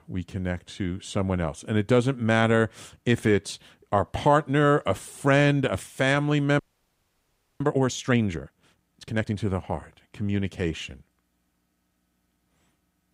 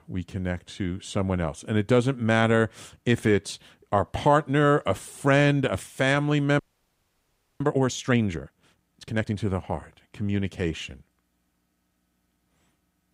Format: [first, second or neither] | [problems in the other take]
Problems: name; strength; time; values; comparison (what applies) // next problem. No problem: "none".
neither | audio freezing; at 6.5 s for 1 s; the same in both